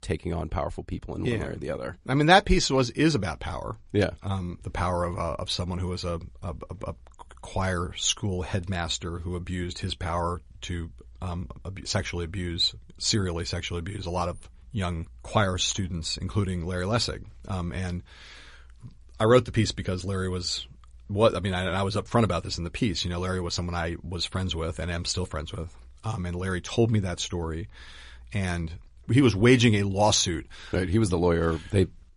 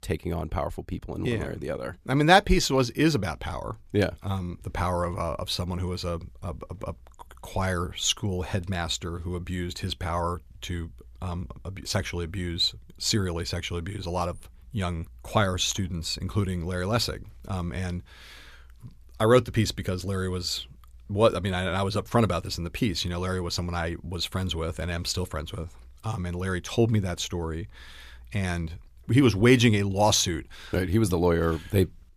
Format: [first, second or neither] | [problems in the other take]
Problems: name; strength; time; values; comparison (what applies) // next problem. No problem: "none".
second | garbled, watery; slightly; nothing above 10.5 kHz